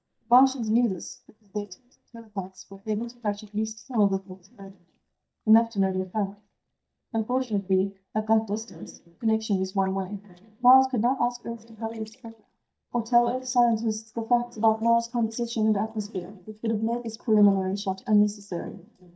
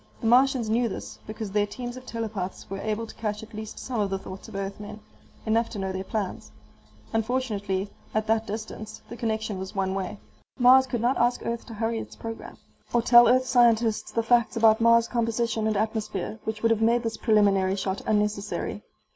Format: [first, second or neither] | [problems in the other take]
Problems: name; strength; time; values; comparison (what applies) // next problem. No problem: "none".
second | noise reduction (neural mask model DeepFilterNet 3)